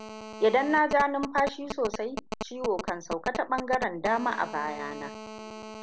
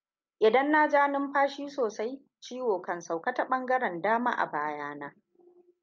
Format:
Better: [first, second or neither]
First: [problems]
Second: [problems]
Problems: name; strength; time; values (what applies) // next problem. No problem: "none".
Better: second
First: background sound (Telephone); 10 dB below the speech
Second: none